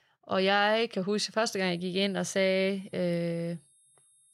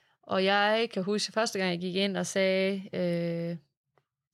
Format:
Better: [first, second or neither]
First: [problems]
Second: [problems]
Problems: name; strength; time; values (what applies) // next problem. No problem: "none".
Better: second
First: high-pitched whine; faint; from 1.5 s on; 10.5 kHz, 30 dB below the speech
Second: none